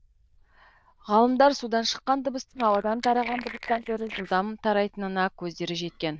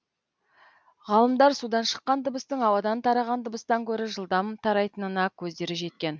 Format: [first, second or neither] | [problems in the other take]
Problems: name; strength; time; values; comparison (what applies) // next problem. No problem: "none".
second | noise reduction (neural diffusion model UNIVERSE++)